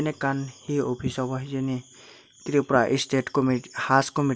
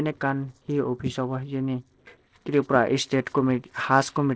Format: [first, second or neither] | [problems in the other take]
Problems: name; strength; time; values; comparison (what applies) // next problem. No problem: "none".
first | noise reduction (neural separator model SepFormer DNS4)